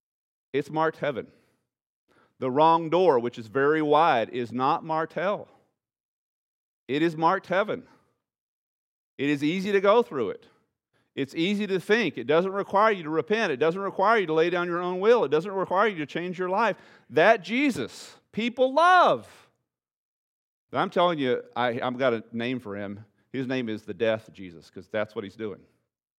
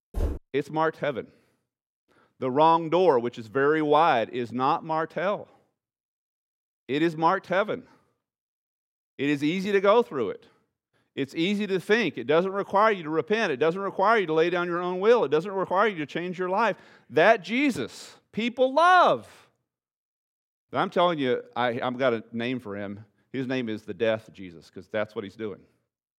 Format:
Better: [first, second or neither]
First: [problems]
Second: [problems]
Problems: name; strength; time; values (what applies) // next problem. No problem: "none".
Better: first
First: none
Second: footsteps; noticeable; at the start; peak 8 dB below the speech